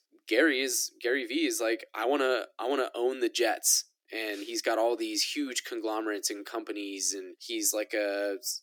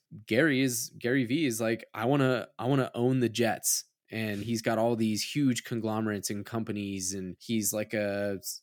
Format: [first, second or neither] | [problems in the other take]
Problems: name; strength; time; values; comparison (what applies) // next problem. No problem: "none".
second | thin; somewhat; fading below 300 Hz